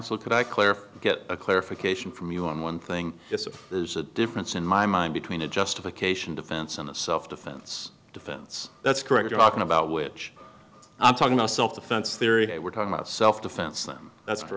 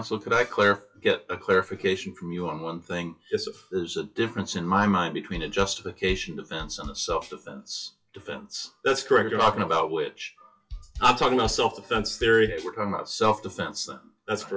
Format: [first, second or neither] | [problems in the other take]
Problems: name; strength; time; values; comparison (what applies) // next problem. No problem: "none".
first | noise reduction (classical method WPE with log-MMSE)